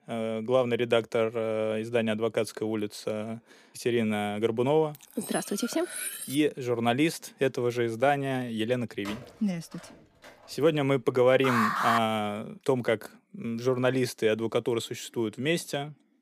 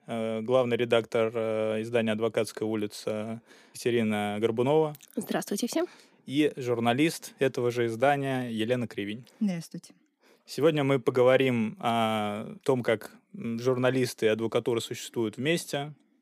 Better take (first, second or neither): second